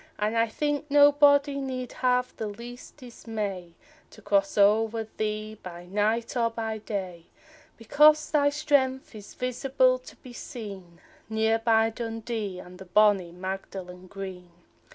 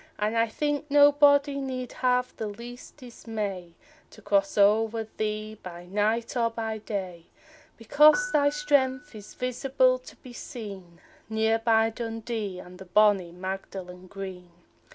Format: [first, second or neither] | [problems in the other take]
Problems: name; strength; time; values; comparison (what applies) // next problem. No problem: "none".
first | background sound (Piano); 11 dB below the speech